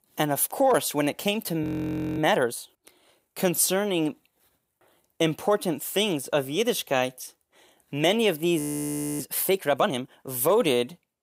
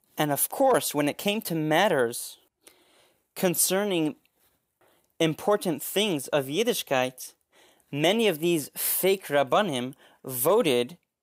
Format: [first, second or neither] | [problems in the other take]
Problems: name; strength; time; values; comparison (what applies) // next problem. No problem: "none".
second | audio freezing; at 1.5 s for 0.5 s and at 8.5 s for 0.5 s